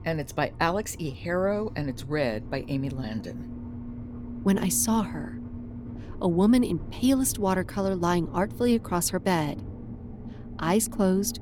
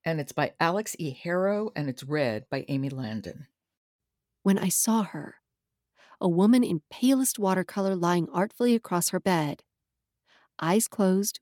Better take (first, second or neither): second